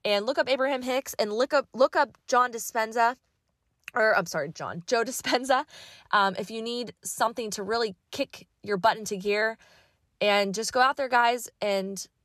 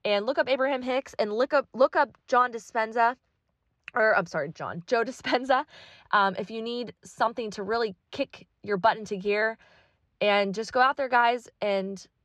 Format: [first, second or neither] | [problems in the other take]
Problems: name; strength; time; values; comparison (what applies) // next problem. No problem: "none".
first | muffled; very slightly; fading above 3.5 kHz